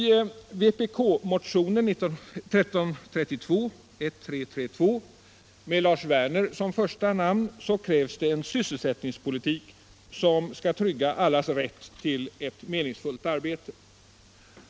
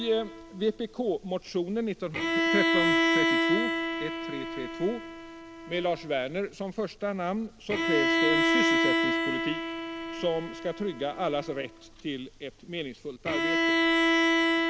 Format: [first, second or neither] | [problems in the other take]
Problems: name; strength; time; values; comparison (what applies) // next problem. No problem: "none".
first | background sound (Bowed string instrument); 4 dB above the speech